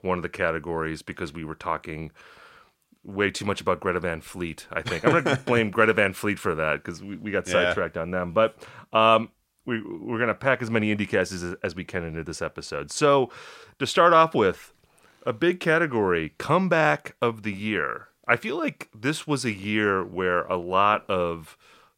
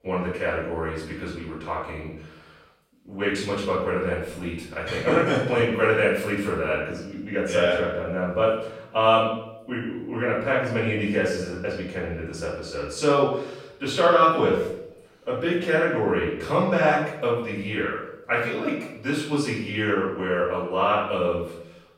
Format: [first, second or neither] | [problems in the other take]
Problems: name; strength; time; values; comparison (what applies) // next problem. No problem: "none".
first | off-mic speech; far // room echo; noticeable; dies away in 0.7 s